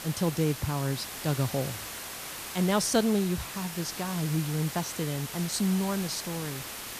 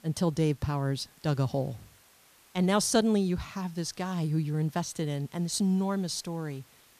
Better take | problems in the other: second | hiss; loud; throughout; 7 dB below the speech; faint in the second

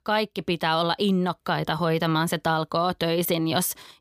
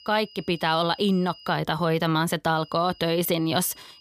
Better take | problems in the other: first | high-pitched whine; faint; until 1.5 s and from 2.5 s on; 3 kHz, 25 dB below the speech

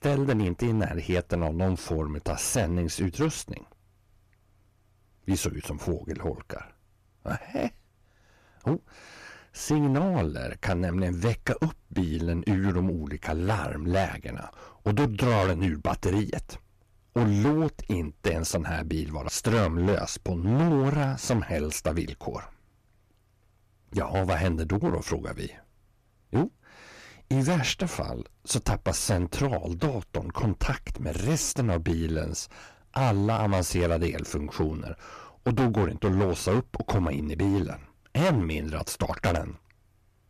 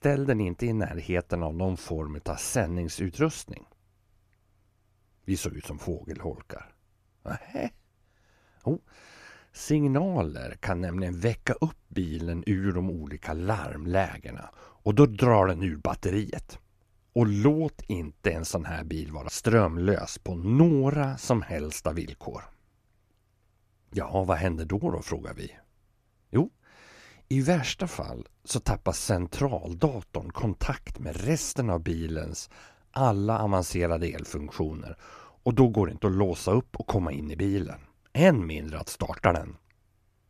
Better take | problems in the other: second | distortion; heavy; 7% of the sound clipped

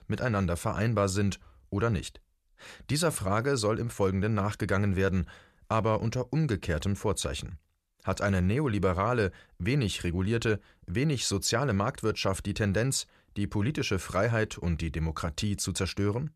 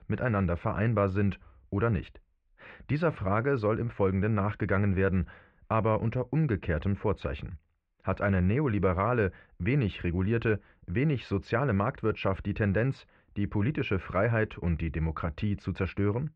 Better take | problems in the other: first | muffled; very; fading above 2.5 kHz

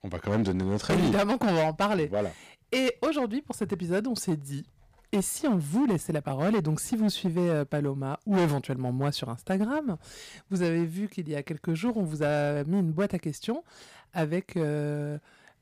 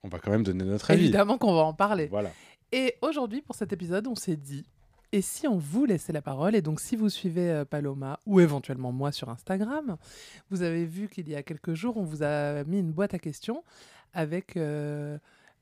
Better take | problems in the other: second | distortion; heavy; 8% of the sound clipped

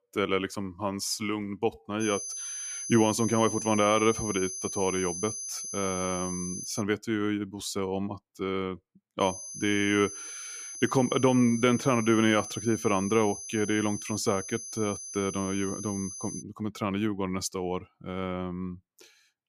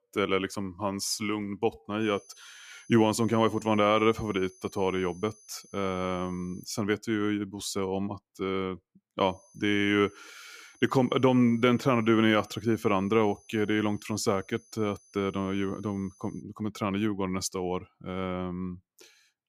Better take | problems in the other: second | high-pitched whine; loud; from 2 to 7 s and from 9 to 16 s; 6 kHz, 7 dB below the speech; faint in the second

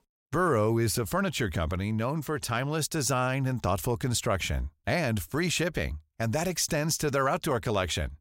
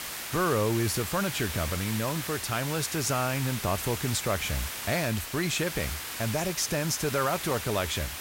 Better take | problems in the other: first | hiss; loud; throughout; 5 dB below the speech

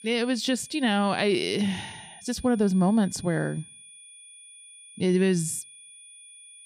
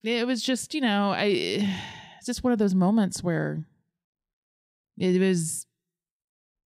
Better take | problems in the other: second | high-pitched whine; faint; throughout; 9.5 kHz, 20 dB below the speech

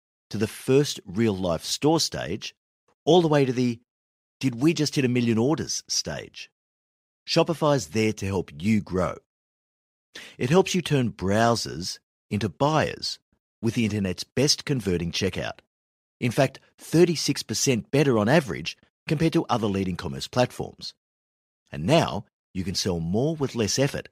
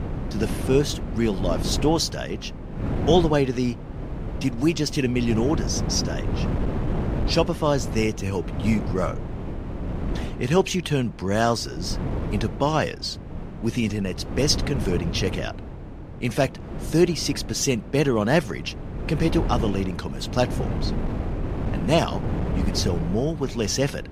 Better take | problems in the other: first | wind noise on the microphone; occasional gusts; 10 dB below the speech

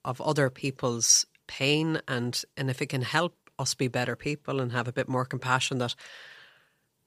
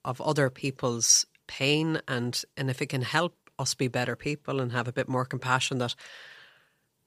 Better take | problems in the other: neither | none

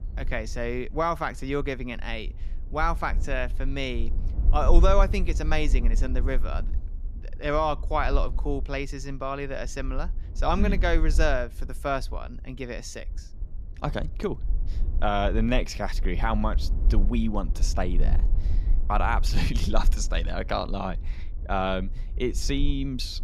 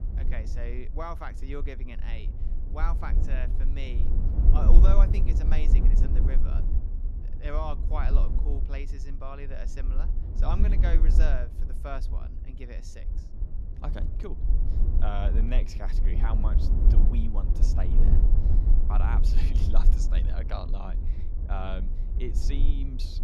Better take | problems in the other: first | low rumble; loud; throughout; 5 dB below the speech; faint in the first

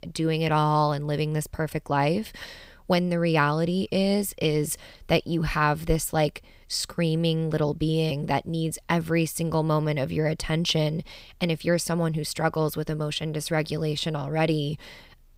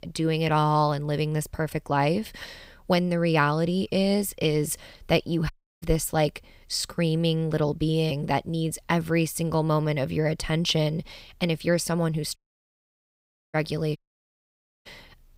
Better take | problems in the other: first | audio cutting out; at 5.5 s, at 12 s for 1 s and at 14 s for 1 s

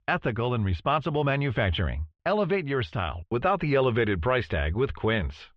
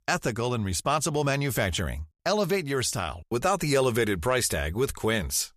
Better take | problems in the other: second | muffled; very; fading above 3 kHz

